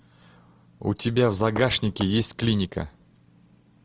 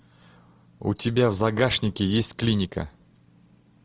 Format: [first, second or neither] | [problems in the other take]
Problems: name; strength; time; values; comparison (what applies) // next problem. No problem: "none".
second | background sound (Tap / Hammer); 13 dB below the speech